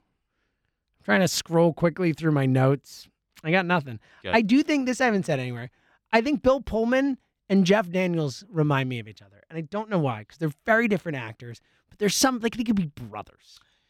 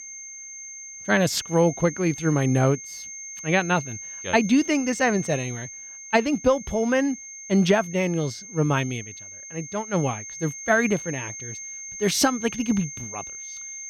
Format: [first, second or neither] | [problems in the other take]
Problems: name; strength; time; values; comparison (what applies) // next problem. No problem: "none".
first | high-pitched whine; noticeable; throughout; 6.5 kHz, 10 dB below the speech